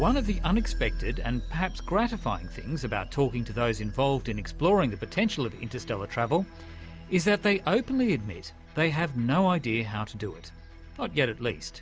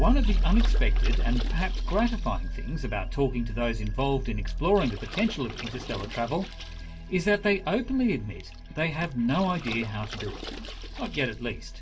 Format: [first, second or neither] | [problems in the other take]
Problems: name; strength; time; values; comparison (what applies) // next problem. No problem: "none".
first | background sound (Water / Splash, splatter); 18 dB below the speech // room echo; dies away in 0.1 s